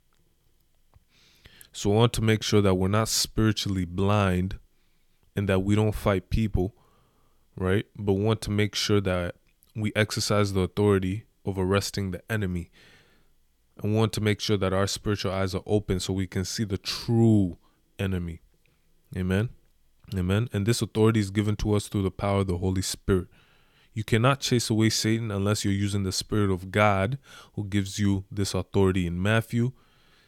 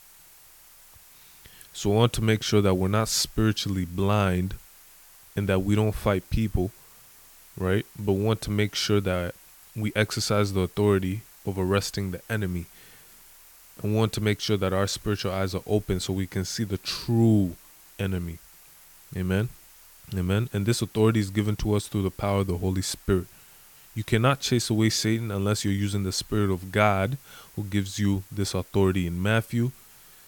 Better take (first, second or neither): first